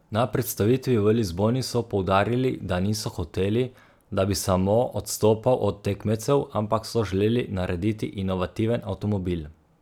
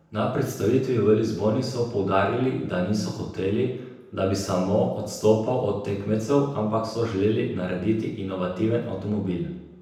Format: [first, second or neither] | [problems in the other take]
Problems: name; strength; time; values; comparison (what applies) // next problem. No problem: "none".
first | room echo; dies away in 0.9 s